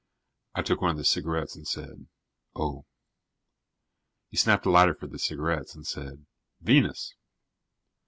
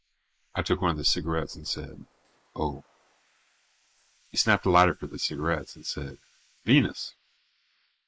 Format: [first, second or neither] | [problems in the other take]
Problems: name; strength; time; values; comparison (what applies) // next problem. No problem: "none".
first | noise reduction (neural mask model Resemble Enhance denoiser)